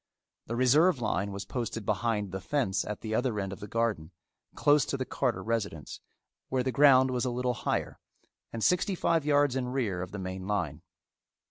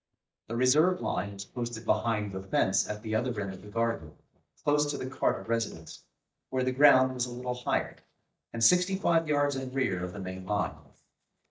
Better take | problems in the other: first | noise reduction (neural mask model DeepFilterNet 3)

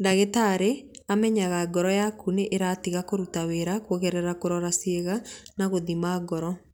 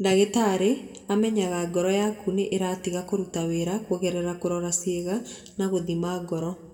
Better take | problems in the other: first | room echo; dies away in 1.1 s

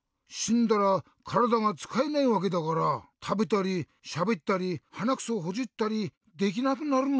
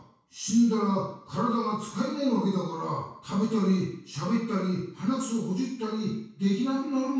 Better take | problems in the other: first | room echo; dies away in 0.6 s

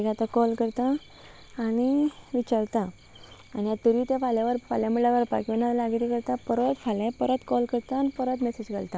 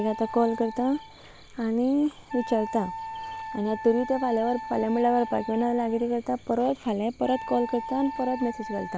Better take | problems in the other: first | background sound (Wind instrument, woodwind instrument); 12 dB below the speech

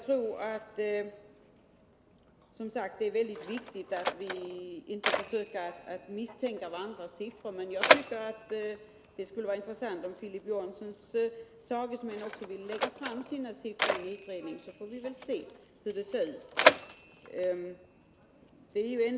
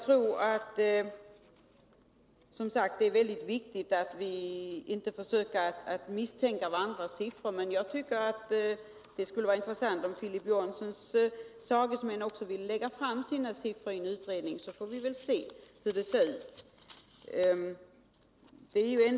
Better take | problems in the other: second | background sound (Mechanisms); as loud as the speech // room echo; dies away in 1.8 s

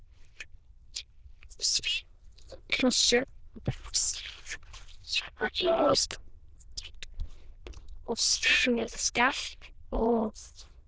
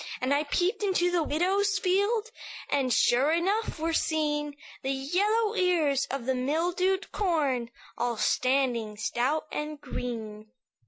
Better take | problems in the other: second | noise reduction (neural diffusion model UNIVERSE++)

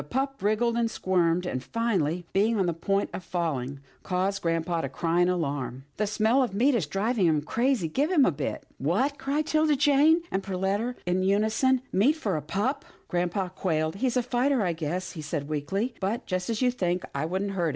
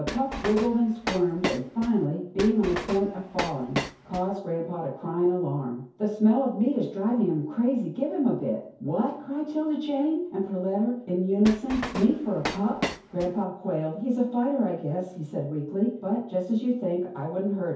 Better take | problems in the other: first | background sound (Train); 7 dB below the speech // room echo; dies away in 0.6 s

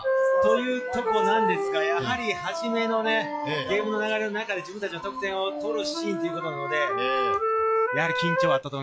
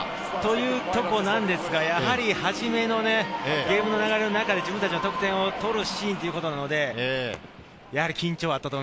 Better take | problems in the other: second | noise reduction (classical method log-MMSE)

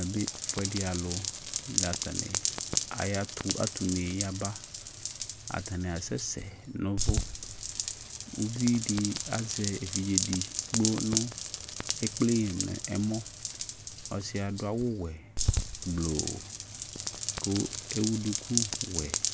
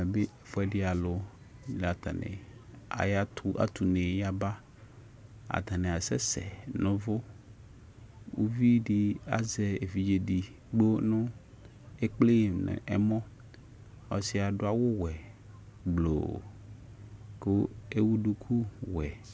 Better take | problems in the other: second | background sound (Rain); 1 dB below the speech

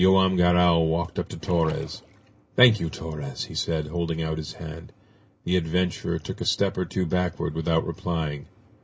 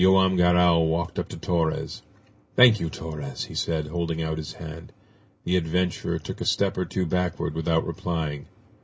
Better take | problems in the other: second | background sound (Splash, splatter); 19 dB below the speech

